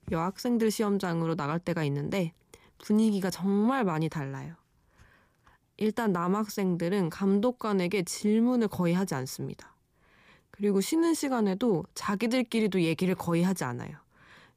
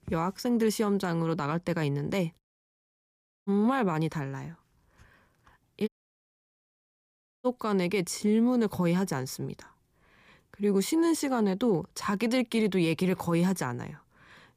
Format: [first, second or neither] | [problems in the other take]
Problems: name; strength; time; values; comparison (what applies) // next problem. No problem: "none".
first | audio cutting out; at 2.5 s for 1 s and at 6 s for 1.5 s